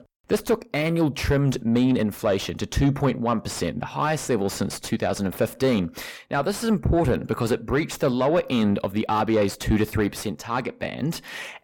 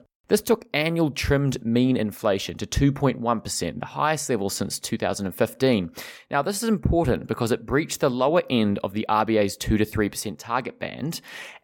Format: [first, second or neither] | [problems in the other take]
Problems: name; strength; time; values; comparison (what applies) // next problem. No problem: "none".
second | distortion; slight; 10 dB below the speech